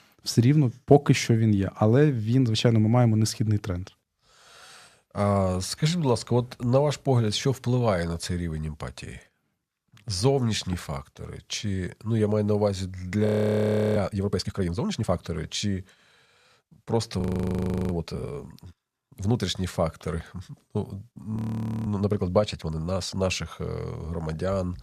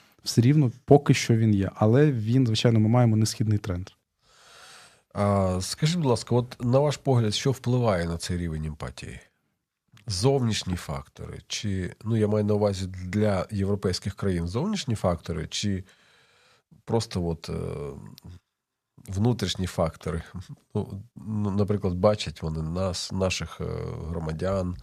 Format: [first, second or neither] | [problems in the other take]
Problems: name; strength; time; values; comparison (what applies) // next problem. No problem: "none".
second | audio freezing; at 13 s for 0.5 s, at 17 s for 0.5 s and at 21 s for 0.5 s